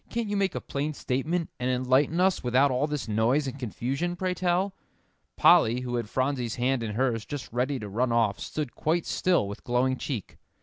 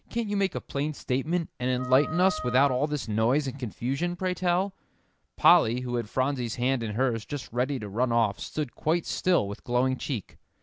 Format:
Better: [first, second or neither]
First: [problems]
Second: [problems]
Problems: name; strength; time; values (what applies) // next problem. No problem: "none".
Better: first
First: none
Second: background sound (Wind instrument, woodwind instrument); 11 dB below the speech